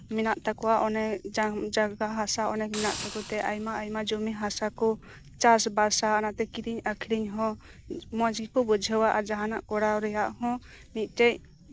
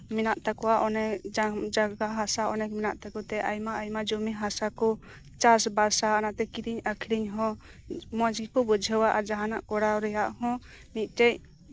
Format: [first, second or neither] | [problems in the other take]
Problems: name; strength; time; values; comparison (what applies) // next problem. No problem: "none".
second | background sound (Hiss); 14 dB below the speech